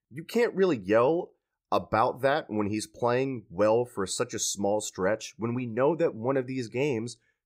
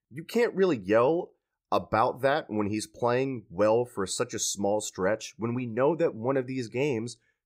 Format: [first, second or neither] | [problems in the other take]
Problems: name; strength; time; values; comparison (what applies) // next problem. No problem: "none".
neither | none